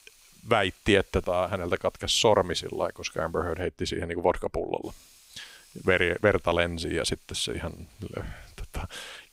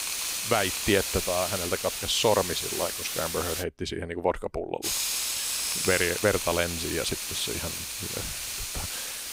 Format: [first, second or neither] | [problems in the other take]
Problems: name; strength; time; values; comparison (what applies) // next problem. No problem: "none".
first | hiss; loud; until 3.5 s and from 5 s on; 1 dB below the speech; faint in the first